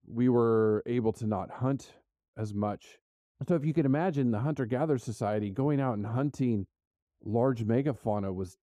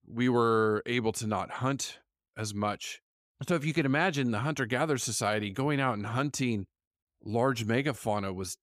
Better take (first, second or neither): second